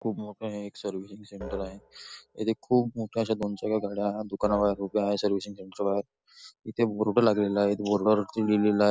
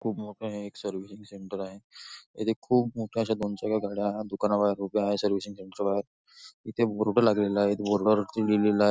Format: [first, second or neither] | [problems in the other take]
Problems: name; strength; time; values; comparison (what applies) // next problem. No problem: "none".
second | background sound (Musical instrument); 19 dB below the speech